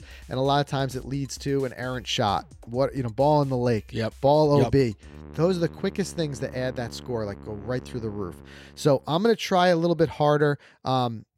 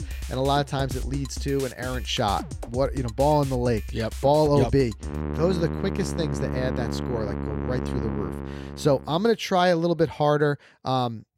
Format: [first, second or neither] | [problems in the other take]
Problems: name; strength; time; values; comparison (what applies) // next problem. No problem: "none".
first | background music; loud; until 8.5 s; 8 dB below the speech; faint in the first